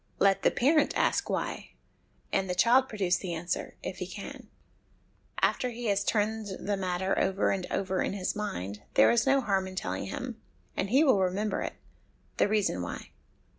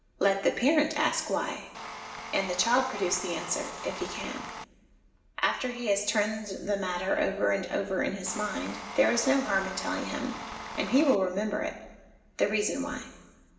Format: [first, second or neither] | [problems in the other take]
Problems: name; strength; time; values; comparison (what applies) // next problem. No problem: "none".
first | background sound (Tools); 10 dB below the speech // room echo; dies away in 1.2 s